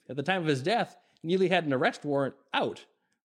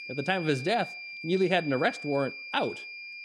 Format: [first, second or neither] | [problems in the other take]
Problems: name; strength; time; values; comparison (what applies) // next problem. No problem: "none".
first | high-pitched whine; loud; throughout; 2.5 kHz, 10 dB below the speech